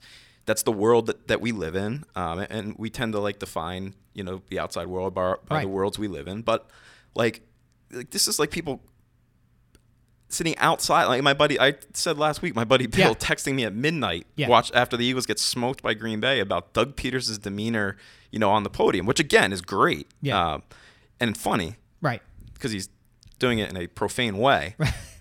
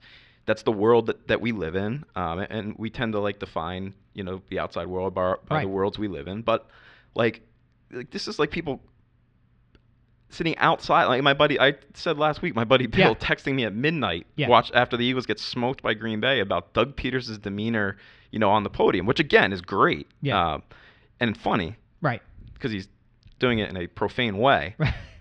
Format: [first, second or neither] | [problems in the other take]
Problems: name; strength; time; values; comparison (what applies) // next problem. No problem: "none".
first | muffled; slightly; fading above 4 kHz